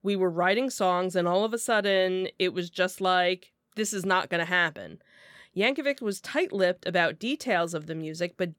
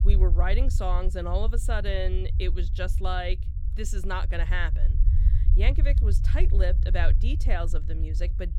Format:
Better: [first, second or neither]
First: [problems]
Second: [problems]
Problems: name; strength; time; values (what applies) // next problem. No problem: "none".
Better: first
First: none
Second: low rumble; noticeable; throughout; 10 dB below the speech